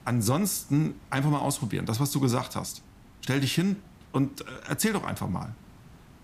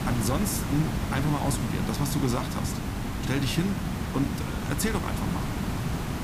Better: first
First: hiss; faint; throughout; 25 dB below the speech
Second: hiss; loud; throughout; 1 dB below the speech

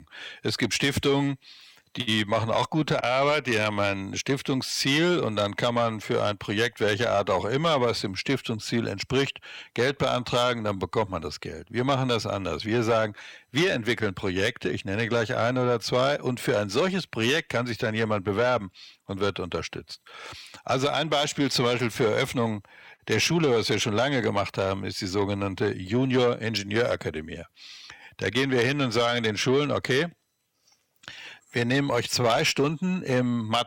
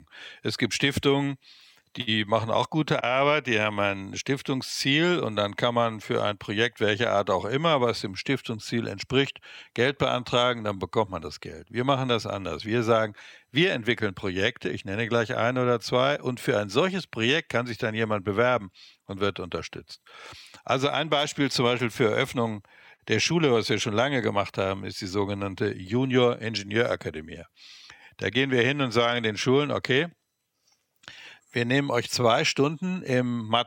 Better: second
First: distortion; slight; 10 dB below the speech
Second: none

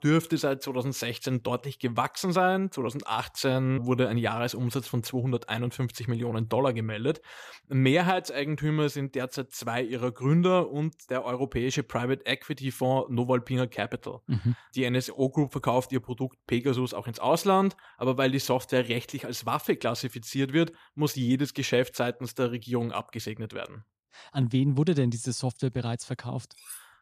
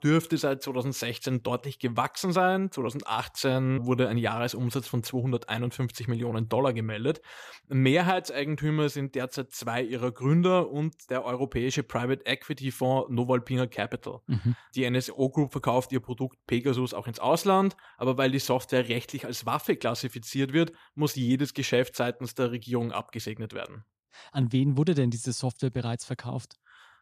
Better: second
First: clattering dishes; faint; at 26 s; peak 15 dB below the speech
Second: none

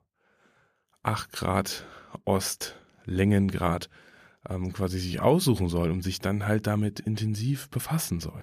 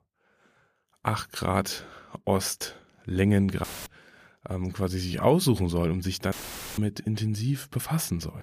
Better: first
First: none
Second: audio cutting out; filled with static; at 3.5 s and at 6.5 s

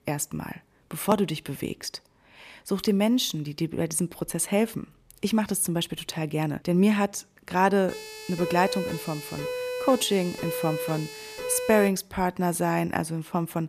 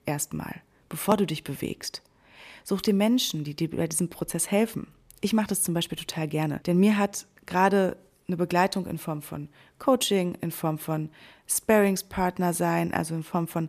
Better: second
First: siren; noticeable; from 8 to 12 s; peak 5 dB below the speech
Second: none

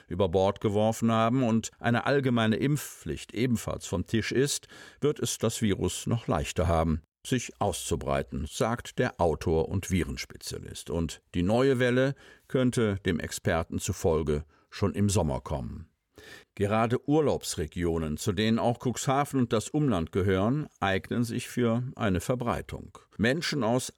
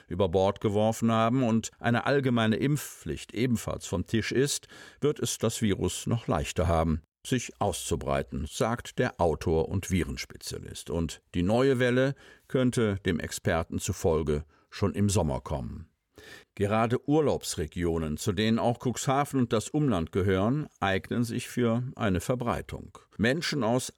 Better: neither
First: none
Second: none

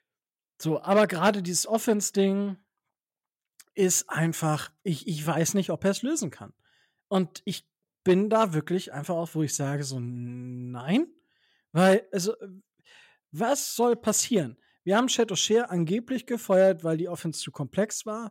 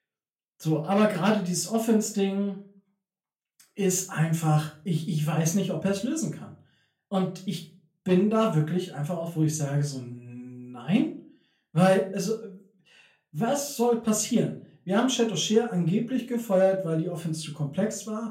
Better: first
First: none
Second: off-mic speech; far // room echo; very slight; dies away in 0.3 s

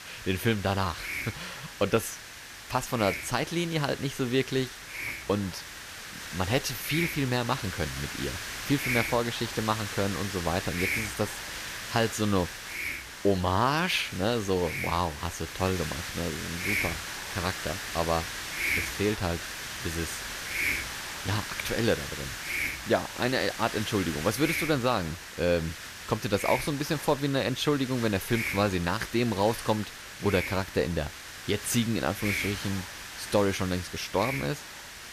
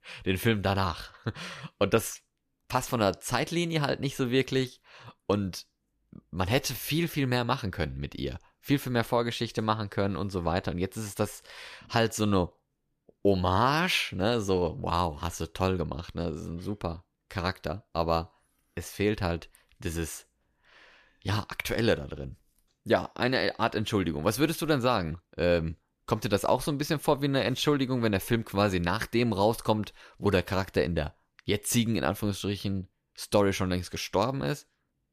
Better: second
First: hiss; loud; throughout; 5 dB below the speech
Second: none

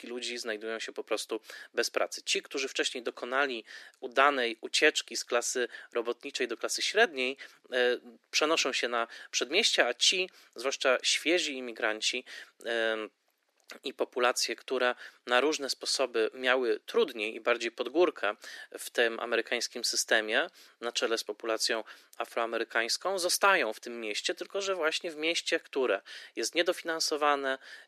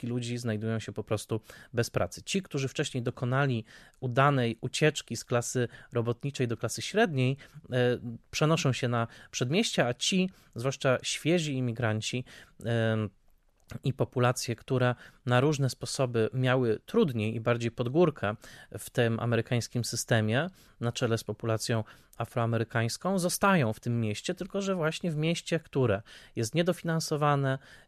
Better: second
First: thin; very; fading below 300 Hz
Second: none

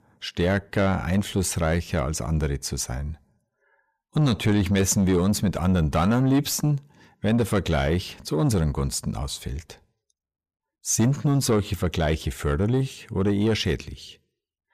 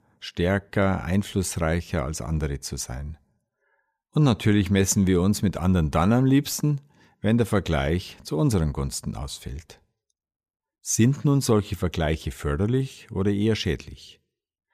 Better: second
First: distortion; slight; 10 dB below the speech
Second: none

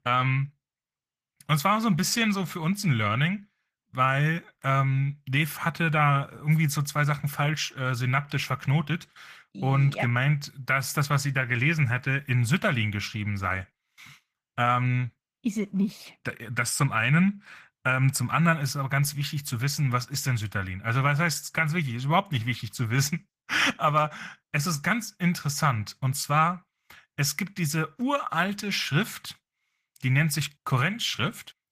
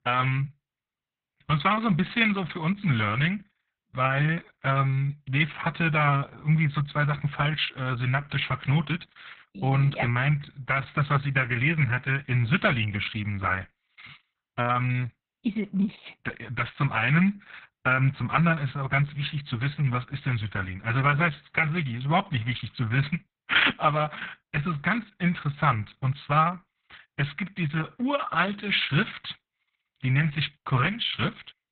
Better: first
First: garbled, watery; slightly; nothing above 14.5 kHz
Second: garbled, watery; badly; nothing above 4 kHz

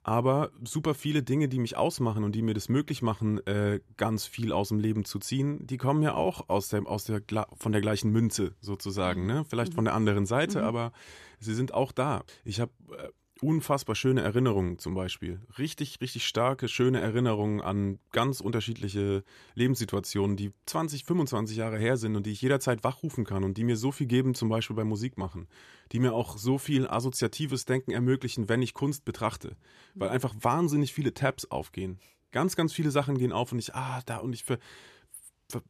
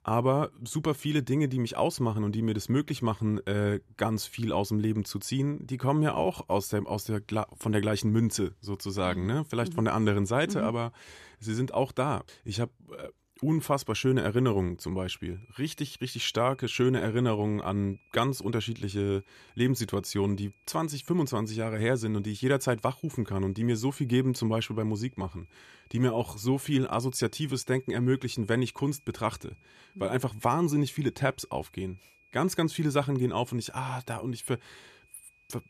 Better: first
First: none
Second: high-pitched whine; faint; from 15 s on; 2.5 kHz, 30 dB below the speech

